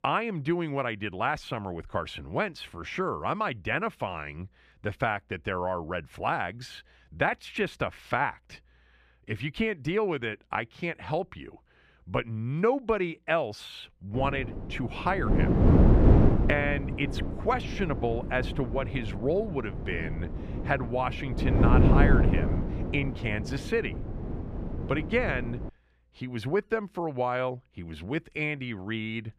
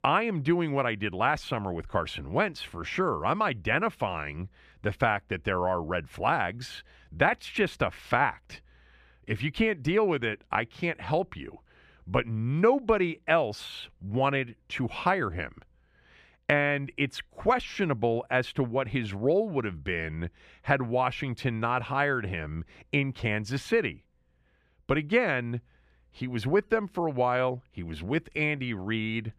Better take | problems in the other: second | wind noise on the microphone; heavy; from 14 to 26 s; 4 dB below the speech

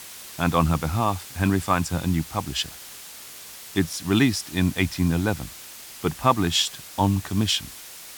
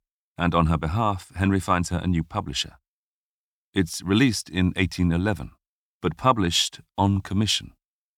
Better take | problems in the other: second | hiss; noticeable; throughout; 15 dB below the speech

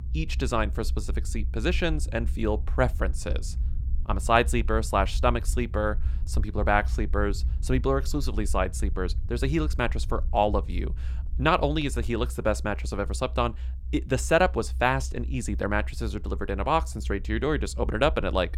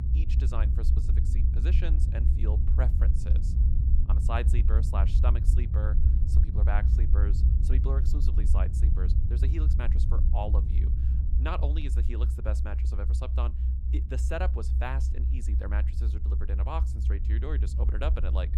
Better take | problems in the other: first | low rumble; loud; throughout; 5 dB below the speech; faint in the first

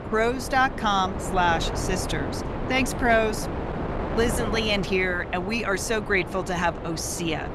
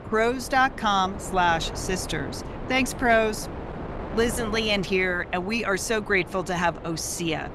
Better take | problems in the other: second | wind noise on the microphone; heavy; 9 dB below the speech; occasional gusts in the second

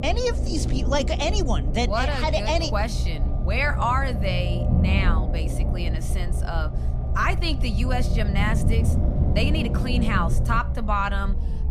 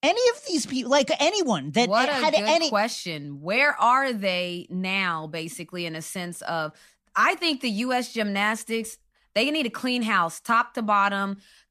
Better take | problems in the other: second | low rumble; loud; throughout; 10 dB below the speech

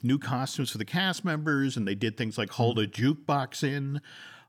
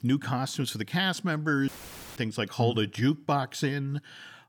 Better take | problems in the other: first | audio cutting out; filled with static; at 1.5 s

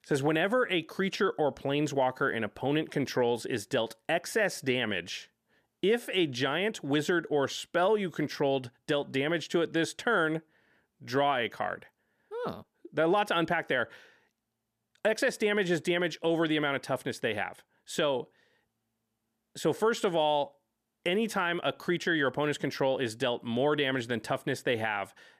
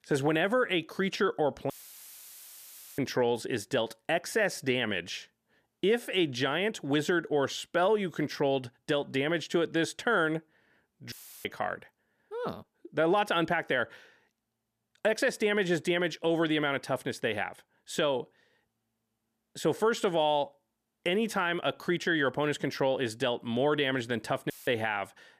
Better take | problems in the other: first | audio cutting out; filled with static; at 1.5 s for 1.5 s, at 11 s and at 25 s

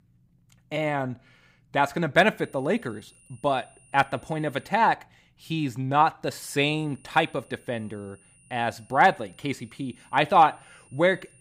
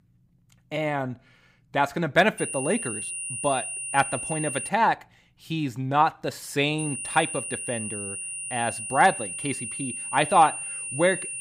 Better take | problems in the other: first | high-pitched whine; loud; from 2.5 to 4.5 s and from 7 s on; 9.5 kHz, 5 dB below the speech; faint in the first

